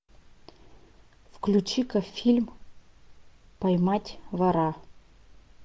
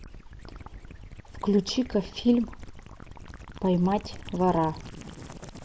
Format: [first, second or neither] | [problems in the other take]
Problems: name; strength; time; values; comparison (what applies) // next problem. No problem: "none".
first | background sound (Gurgling / Liquid); 14 dB below the speech